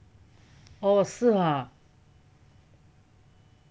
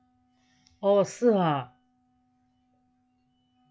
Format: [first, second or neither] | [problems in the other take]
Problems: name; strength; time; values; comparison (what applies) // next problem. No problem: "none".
first | noise reduction (classical method log-MMSE)